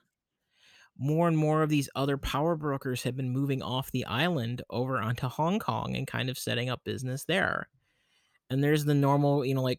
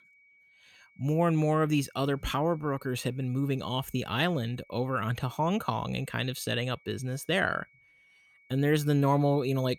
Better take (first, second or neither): first